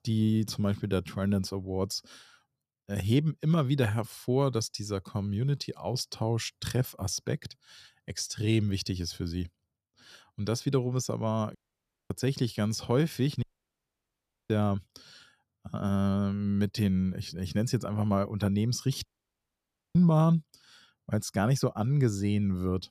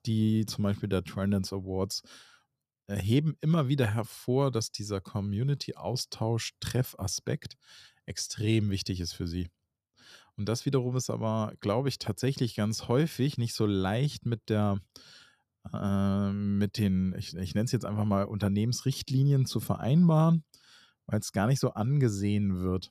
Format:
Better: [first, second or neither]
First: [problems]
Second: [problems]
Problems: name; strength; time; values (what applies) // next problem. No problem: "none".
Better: second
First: audio cutting out; at 12 s for 0.5 s, at 13 s for 1 s and at 19 s for 1 s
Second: none